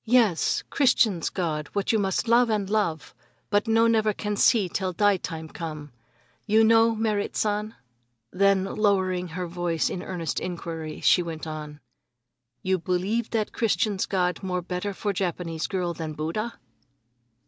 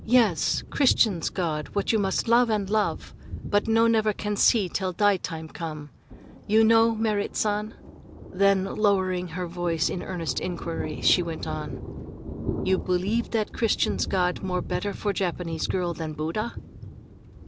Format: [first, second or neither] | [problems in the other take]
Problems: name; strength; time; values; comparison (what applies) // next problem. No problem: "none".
first | background sound (Thunder); 11 dB below the speech